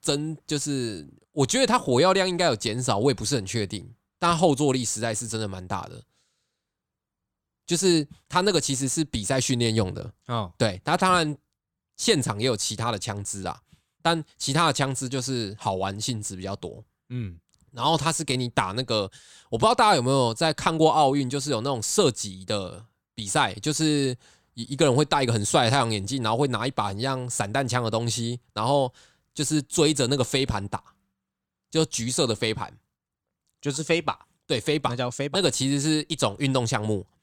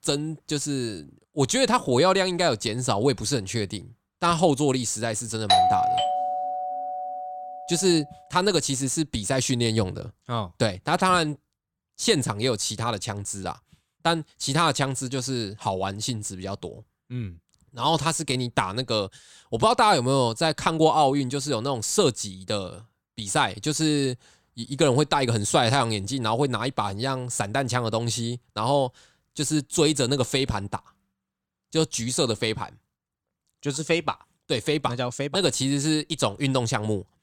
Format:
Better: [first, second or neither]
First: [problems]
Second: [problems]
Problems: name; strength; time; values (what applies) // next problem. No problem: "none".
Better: first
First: none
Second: doorbell; loud; from 5.5 to 7.5 s; peak 6 dB above the speech